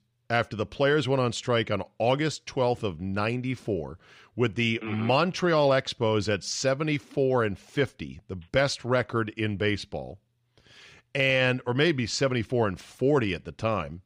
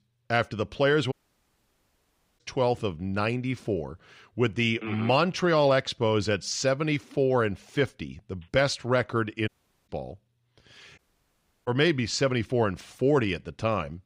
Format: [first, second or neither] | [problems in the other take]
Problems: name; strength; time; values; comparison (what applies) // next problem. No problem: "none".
first | audio cutting out; at 1 s for 1.5 s, at 9.5 s and at 11 s for 0.5 s